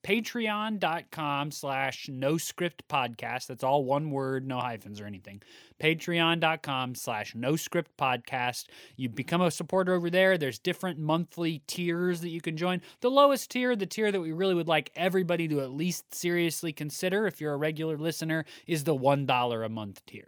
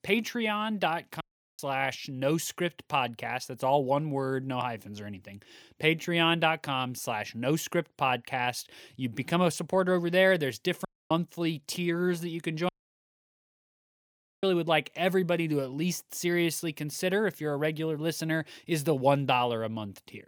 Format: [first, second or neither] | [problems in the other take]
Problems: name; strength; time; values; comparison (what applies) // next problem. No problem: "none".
first | audio cutting out; at 1 s, at 11 s and at 13 s for 1.5 s